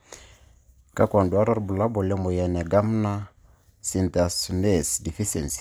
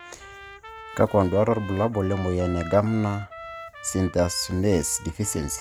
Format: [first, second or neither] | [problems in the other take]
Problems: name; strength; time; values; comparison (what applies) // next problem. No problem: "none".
first | background sound (Trumpet); 16 dB below the speech